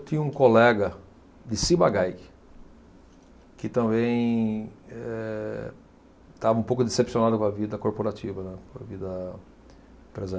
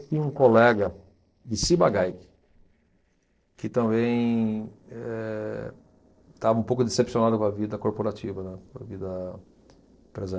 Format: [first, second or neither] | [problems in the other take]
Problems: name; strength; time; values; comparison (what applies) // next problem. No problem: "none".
first | noise reduction (neural separator model SepFormer DNS4)